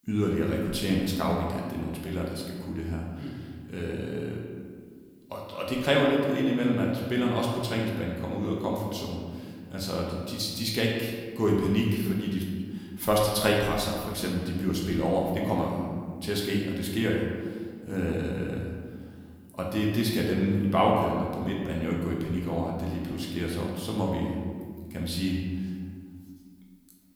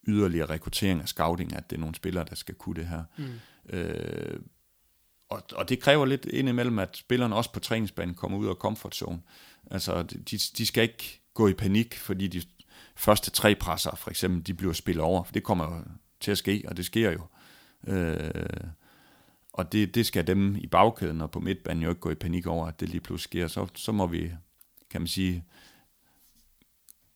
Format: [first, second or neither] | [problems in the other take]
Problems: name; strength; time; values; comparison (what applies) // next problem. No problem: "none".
second | room echo; noticeable; dies away in 1.7 s // off-mic speech; somewhat distant